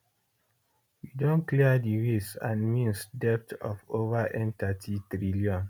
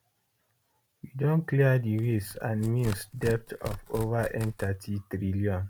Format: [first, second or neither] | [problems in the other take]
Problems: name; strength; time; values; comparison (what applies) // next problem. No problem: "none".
first | background sound (Tearing); 14 dB below the speech